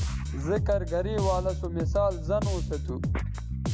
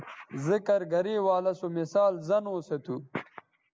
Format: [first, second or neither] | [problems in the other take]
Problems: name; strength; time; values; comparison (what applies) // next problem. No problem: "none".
second | background sound (Bass guitar); 1 dB above the speech